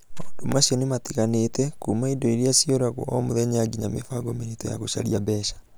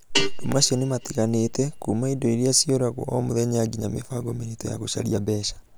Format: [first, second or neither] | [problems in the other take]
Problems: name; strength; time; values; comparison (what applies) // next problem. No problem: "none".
first | background sound (Guitar); 10 dB below the speech